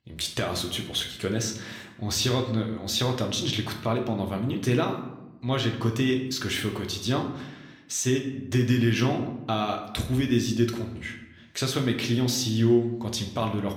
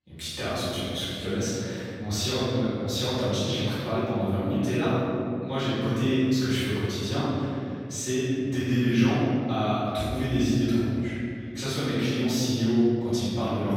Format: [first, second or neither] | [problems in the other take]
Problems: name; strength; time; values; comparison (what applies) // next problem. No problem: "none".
first | room echo; strong; dies away in 2.6 s; slight in the first // off-mic speech; far